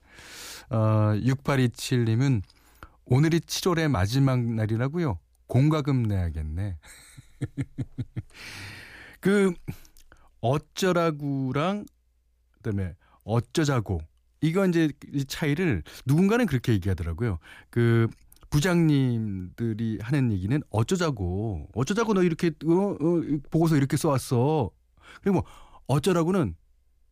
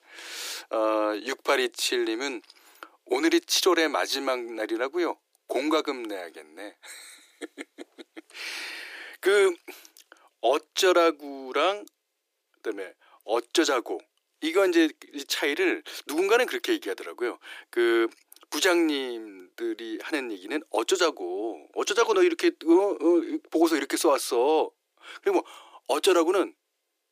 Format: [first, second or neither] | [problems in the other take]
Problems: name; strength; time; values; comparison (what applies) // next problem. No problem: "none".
first | thin; very; fading below 350 Hz